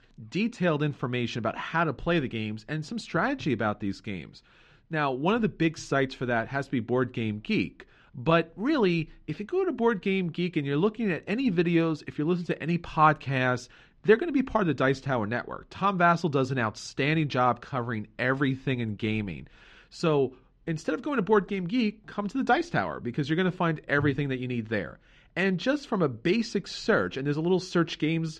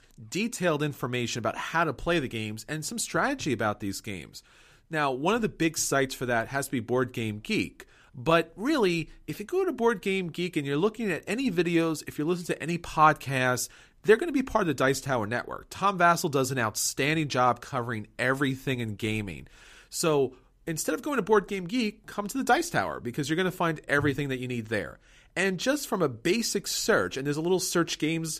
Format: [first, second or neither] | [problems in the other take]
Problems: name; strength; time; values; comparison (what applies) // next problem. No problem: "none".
second | muffled; slightly; fading above 4 kHz